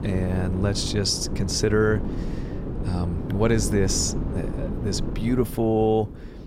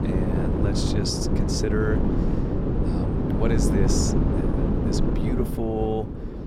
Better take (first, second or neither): first